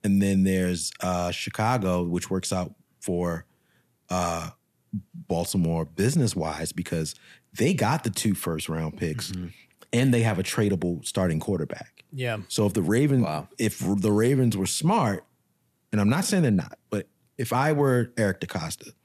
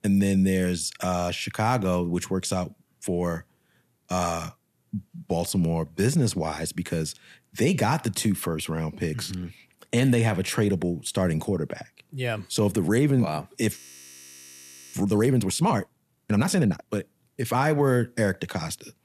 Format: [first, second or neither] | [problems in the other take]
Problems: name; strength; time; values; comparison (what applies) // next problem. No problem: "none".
first | audio freezing; at 14 s for 1 s